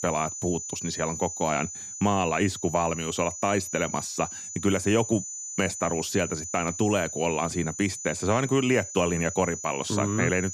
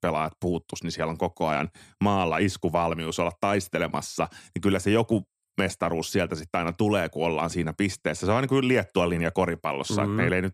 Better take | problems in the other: second | high-pitched whine; loud; throughout; 7 kHz, 7 dB below the speech

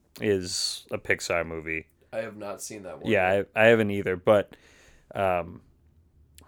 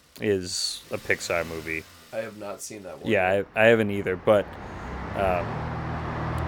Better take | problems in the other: first | traffic noise; noticeable; throughout; 10 dB below the speech

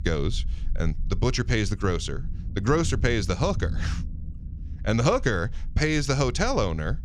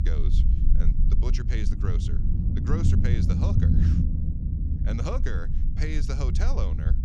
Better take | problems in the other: first | low rumble; loud; throughout; 1 dB below the speech; faint in the first

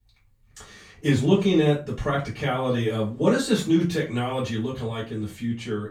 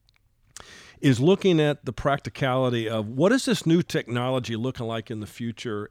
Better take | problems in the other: second | room echo; slight; dies away in 0.3 s // off-mic speech; far

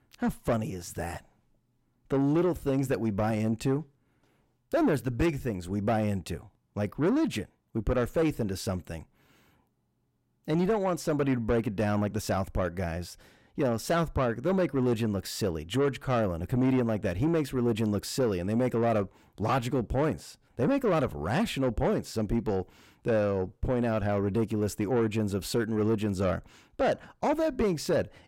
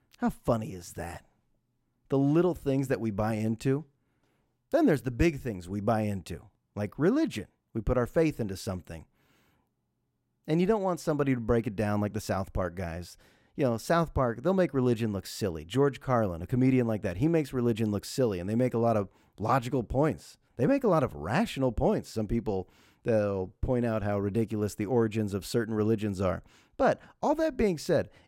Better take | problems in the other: second | distortion; slight; 10 dB below the speech

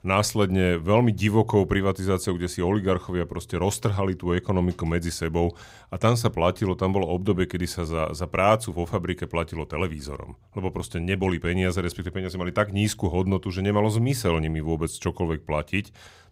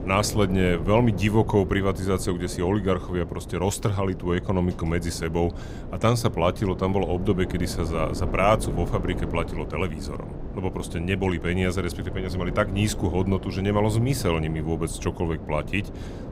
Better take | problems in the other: first | wind noise on the microphone; occasional gusts; 15 dB below the speech

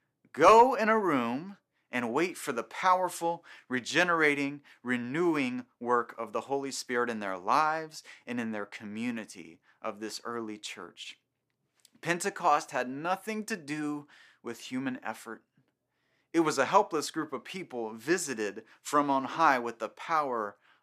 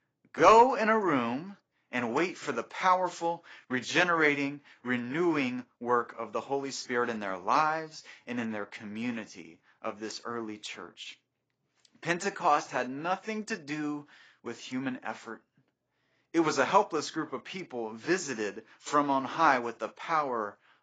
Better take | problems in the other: first | garbled, watery; badly; nothing above 7.5 kHz

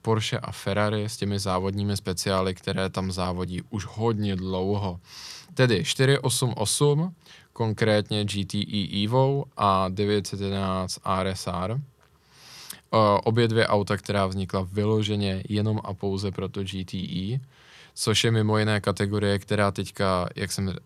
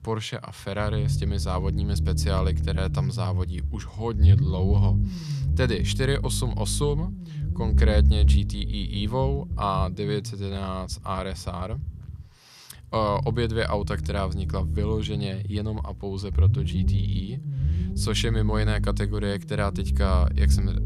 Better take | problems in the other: first | low rumble; loud; throughout; 10 dB below the speech

